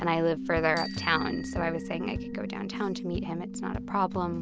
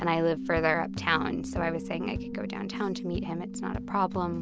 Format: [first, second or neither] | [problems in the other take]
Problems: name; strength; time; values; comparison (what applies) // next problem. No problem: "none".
second | background sound (Bicycle bell); 17 dB below the speech